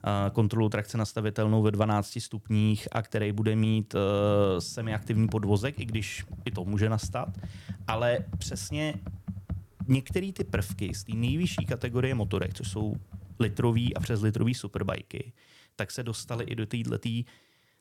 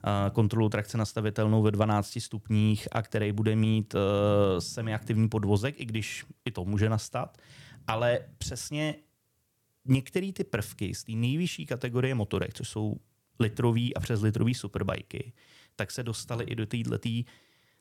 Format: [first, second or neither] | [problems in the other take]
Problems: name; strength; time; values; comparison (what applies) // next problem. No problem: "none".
second | keyboard typing; noticeable; from 5 to 14 s; peak 5 dB below the speech